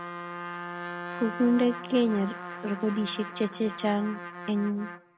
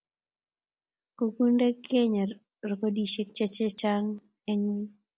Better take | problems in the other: second | background sound (Trumpet); 10 dB below the speech

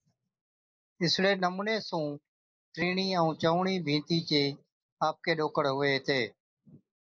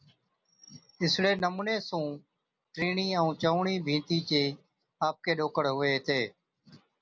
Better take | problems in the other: second | noise reduction (neural mask model Resemble Enhance denoiser)

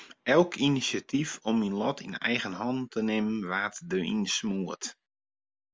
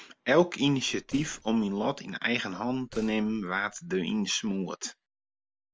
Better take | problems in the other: first | noise reduction (neural separator model SepFormer DNS4)

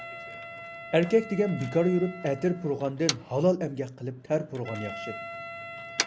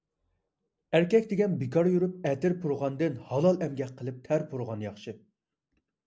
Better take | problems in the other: second | background sound (Motor vehicle (road) + Wind instrument, woodwind instrument); 10 dB below the speech

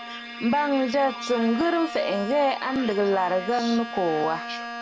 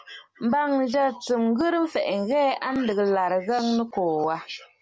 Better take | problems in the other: second | background sound (Bowed string instrument); 11 dB below the speech

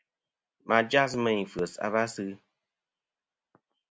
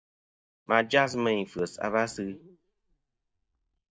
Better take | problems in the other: first | noise reduction (neural mask model DeepFilterNet 3)

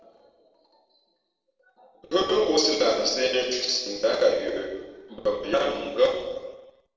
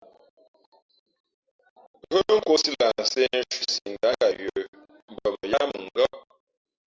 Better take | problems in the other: second | room echo; dies away in 1.2 s

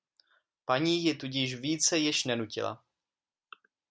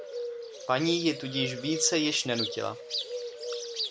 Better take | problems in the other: first | background sound (Bird); 6 dB below the speech

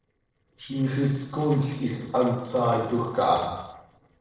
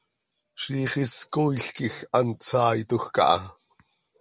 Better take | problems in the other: second | noise reduction (neural separator model SepFormer DNS4)

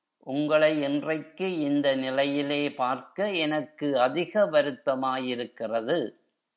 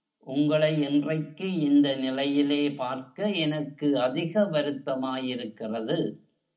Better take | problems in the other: first | room echo; dies away in 0.4 s

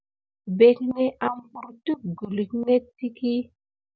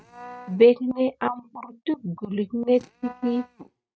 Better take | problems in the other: first | noise reduction (neural mask model RNNoise)

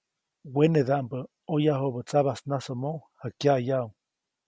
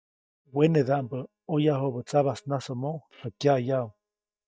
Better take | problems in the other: first | noise reduction (neural mask model DeepFilterNet 3)

